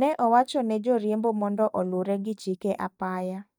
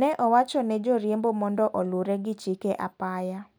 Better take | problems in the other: second | noise reduction (neural mask model DeepFilterNet 3)

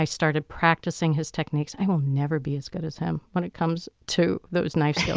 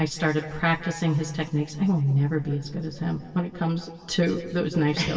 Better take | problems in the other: first | room echo; dies away in 1.9 s

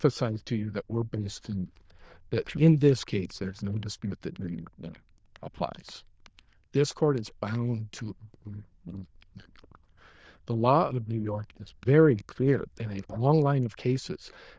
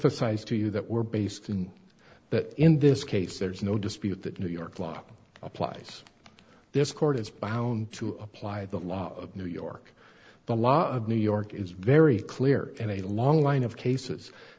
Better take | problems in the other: second | noise reduction (neural diffusion model UNIVERSE++)

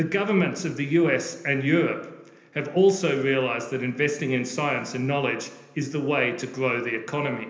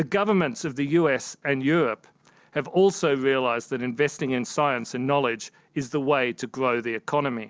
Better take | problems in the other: second | room echo; dies away in 0.8 s

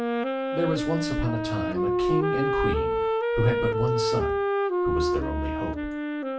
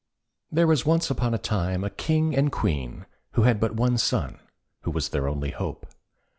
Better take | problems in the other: second | background sound (Wind instrument, woodwind instrument); 4 dB above the speech // room echo; dies away in 0.3 s

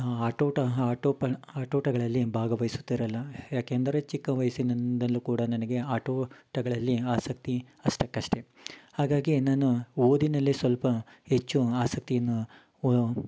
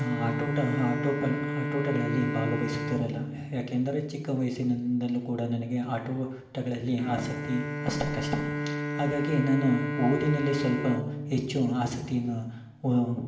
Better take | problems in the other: first | background sound (Bowed string instrument); 5 dB below the speech // room echo; dies away in 0.8 s

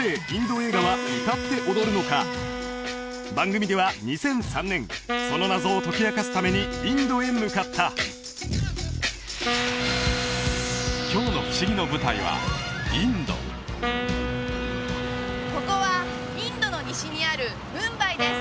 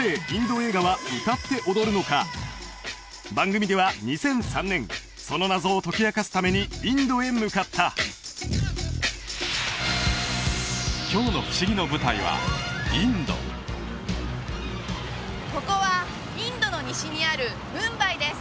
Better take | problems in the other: second | background sound (Wind instrument, woodwind instrument); 6 dB below the speech

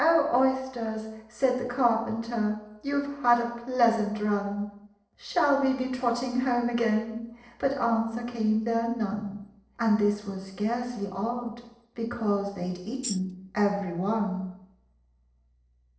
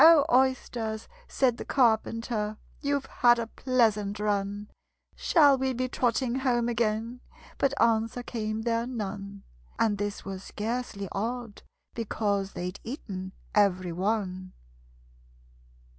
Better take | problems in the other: second | noise reduction (neural separator model SepFormer DNS4)

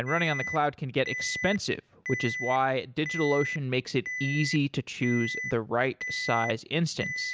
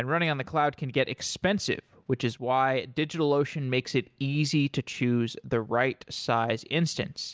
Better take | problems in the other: second | background sound (Alarm); 7 dB below the speech

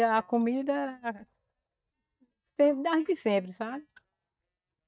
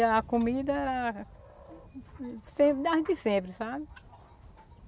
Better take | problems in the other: second | noise reduction (neural mask model DeepFilterNet 3)

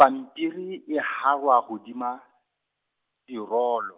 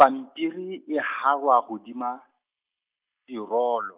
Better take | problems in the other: first | noise reduction (neural mask model Resemble Enhance denoiser)

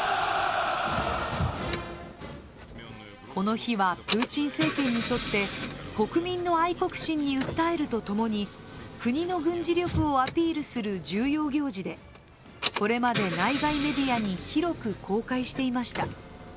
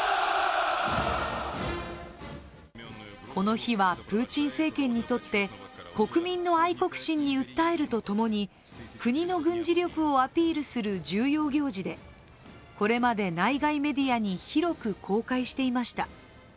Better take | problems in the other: second | background sound (Engine / Car); 9 dB below the speech

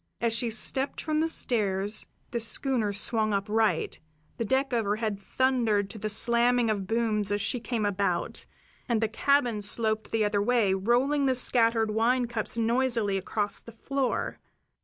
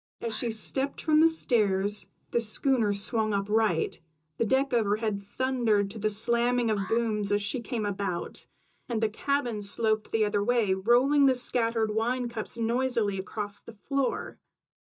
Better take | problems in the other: first | noise reduction (neural mask model DeepFilterNet 3)

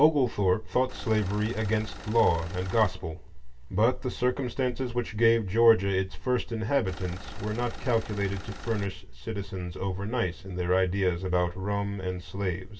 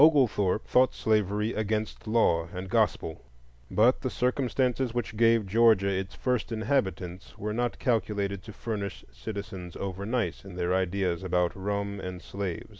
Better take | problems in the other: second | background sound (Engine); 15 dB below the speech // room echo; dies away in 0.2 s

